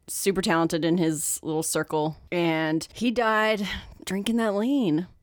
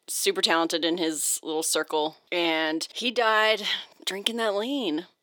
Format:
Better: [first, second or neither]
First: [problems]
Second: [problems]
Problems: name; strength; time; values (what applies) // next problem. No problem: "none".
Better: first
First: none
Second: thin; somewhat; fading below 350 Hz